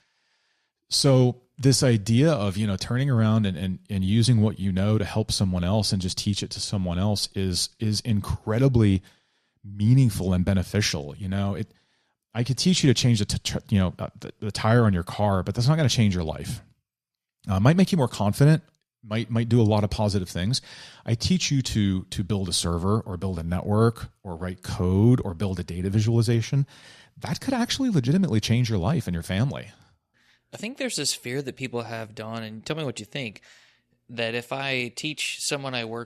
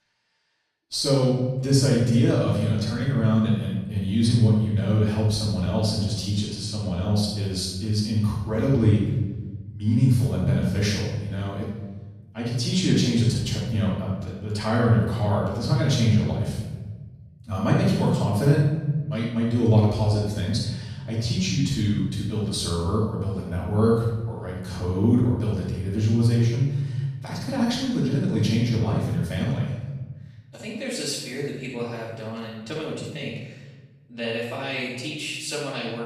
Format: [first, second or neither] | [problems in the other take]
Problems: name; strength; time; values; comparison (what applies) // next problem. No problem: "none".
first | room echo; strong; dies away in 1.2 s // off-mic speech; far